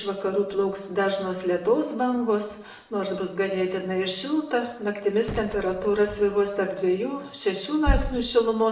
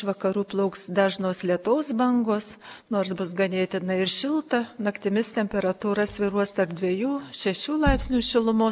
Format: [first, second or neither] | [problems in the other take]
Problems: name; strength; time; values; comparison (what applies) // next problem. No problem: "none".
second | background sound (Gunshot, gunfire); 19 dB below the speech // room echo; dies away in 0.6 s